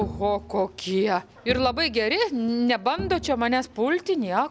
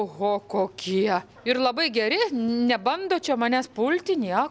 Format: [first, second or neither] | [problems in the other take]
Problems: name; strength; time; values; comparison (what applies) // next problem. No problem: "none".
second | background sound (Bowed string instrument); 15 dB below the speech